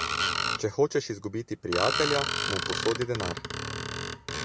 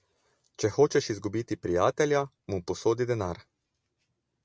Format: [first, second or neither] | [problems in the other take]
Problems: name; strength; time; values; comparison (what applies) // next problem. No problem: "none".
second | background sound (Screech); 1 dB below the speech